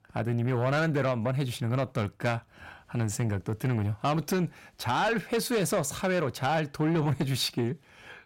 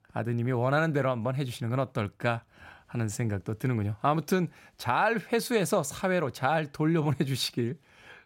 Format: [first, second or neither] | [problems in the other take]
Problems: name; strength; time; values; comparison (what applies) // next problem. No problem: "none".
second | distortion; slight; 10 dB below the speech